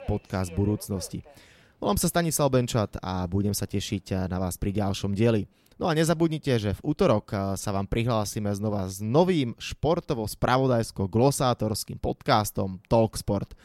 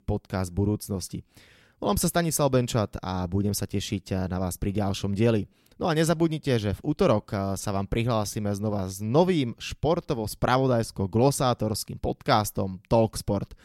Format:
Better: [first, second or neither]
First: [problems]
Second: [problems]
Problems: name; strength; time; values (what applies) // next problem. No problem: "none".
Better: second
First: train or aircraft noise; faint; throughout; 25 dB below the speech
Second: none